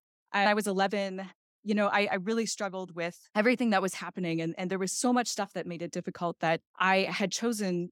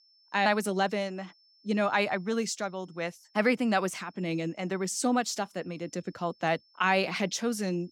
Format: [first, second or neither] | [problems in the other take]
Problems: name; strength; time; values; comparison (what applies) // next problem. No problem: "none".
first | high-pitched whine; faint; throughout; 5.5 kHz, 30 dB below the speech